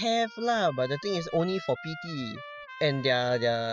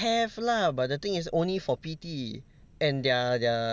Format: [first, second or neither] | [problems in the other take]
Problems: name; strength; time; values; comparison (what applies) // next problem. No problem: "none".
second | noise reduction (classical method spectral subtraction)